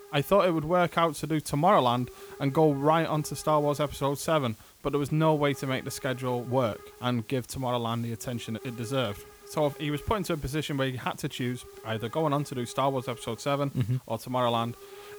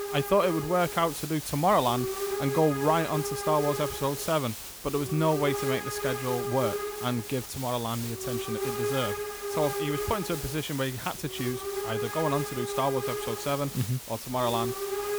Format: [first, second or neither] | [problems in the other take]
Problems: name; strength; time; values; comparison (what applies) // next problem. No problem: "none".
first | hiss; loud; throughout; 4 dB below the speech; faint in the first